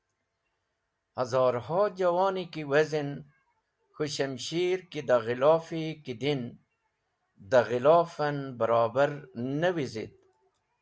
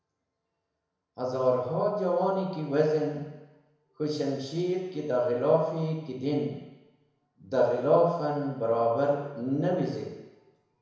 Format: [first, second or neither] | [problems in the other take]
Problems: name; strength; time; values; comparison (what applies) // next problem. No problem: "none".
first | room echo; dies away in 1 s